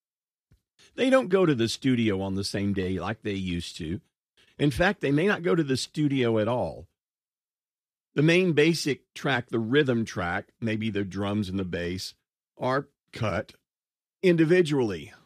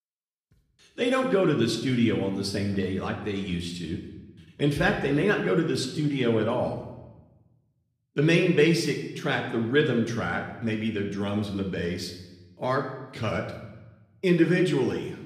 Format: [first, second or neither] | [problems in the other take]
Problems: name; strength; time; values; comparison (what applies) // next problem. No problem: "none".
first | room echo; slight; dies away in 0.8 s